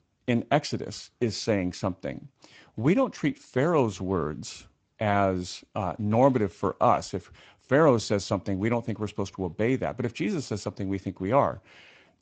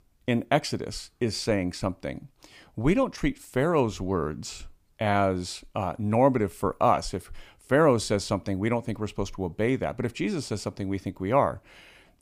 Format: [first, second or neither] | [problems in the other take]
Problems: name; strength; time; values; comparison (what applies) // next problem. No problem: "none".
second | garbled, watery; slightly; nothing above 8 kHz